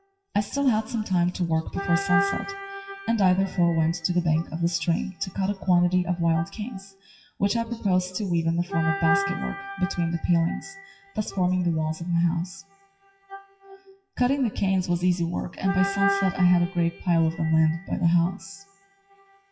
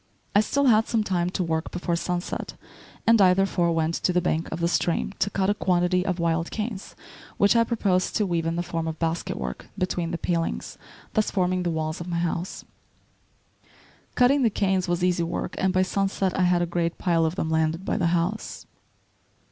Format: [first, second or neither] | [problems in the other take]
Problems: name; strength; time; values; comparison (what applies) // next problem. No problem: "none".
second | noise reduction (classical method WPE with log-MMSE)